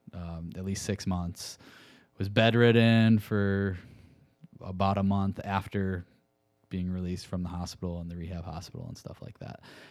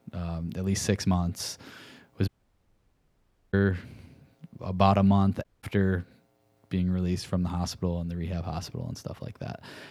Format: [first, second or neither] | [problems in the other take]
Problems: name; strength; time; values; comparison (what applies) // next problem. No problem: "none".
first | audio cutting out; at 2.5 s for 1.5 s and at 5.5 s